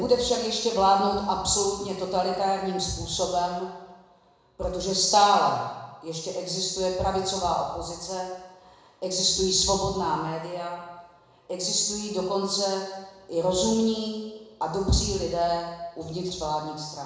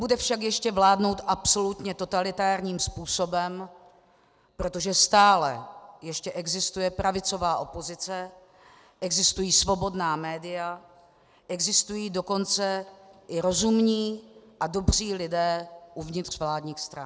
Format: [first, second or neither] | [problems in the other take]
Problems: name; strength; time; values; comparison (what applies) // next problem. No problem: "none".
second | room echo; dies away in 1 s